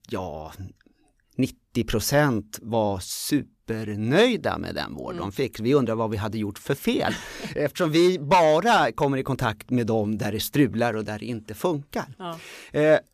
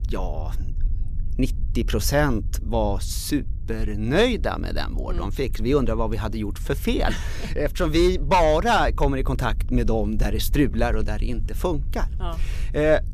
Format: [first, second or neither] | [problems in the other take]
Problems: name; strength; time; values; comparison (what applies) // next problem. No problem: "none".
first | low rumble; faint; throughout; 25 dB below the speech